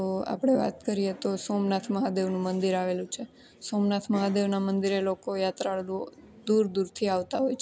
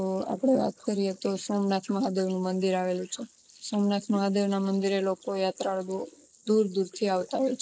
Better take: first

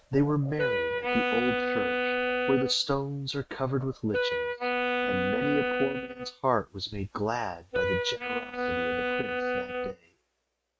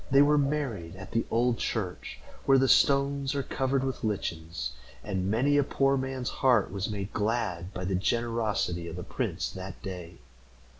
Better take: second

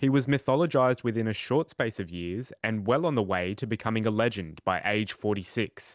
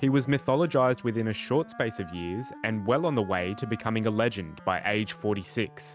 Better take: first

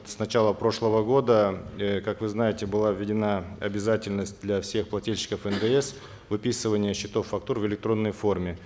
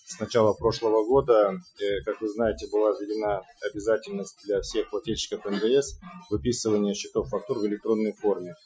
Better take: first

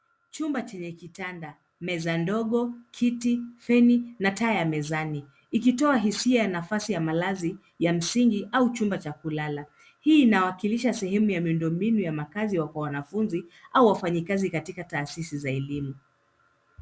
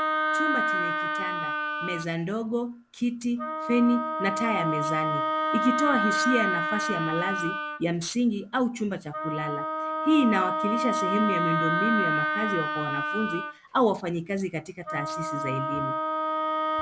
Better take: first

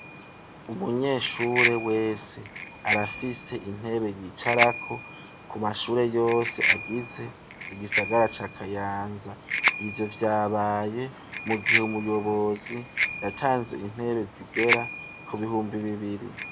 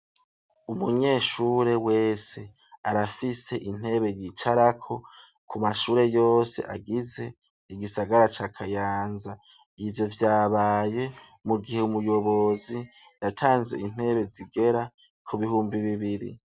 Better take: second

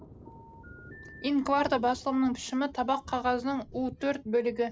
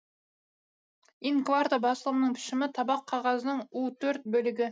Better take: second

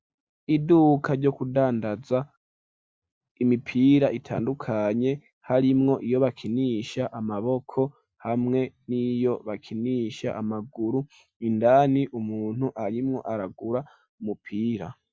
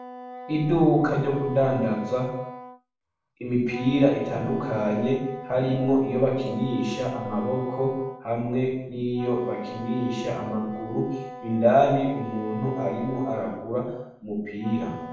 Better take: first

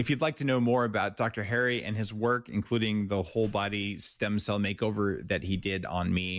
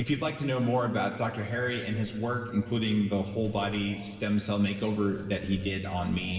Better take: first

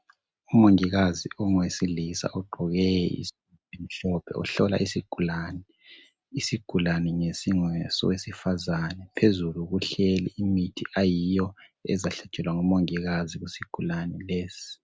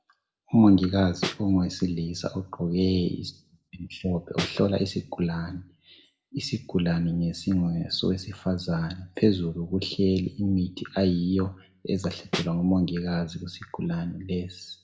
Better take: first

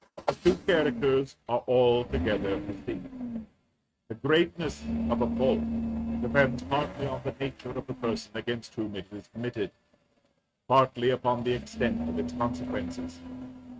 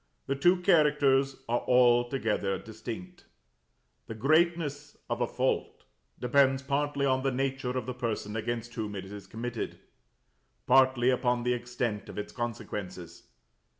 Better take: second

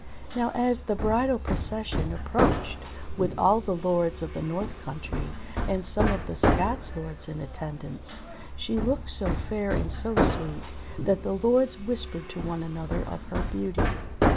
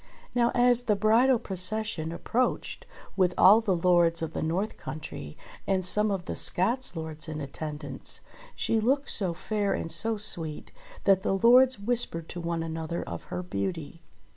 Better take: second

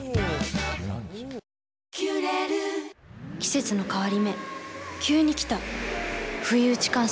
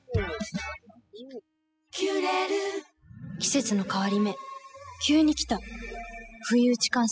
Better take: first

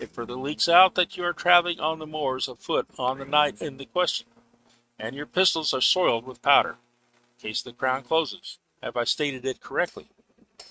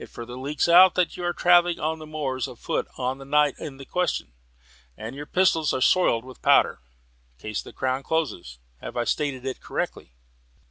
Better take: second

